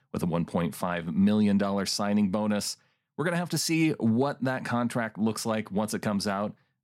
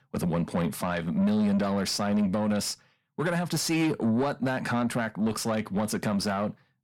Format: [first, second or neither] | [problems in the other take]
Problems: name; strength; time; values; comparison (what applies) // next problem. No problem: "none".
first | distortion; slight; 10 dB below the speech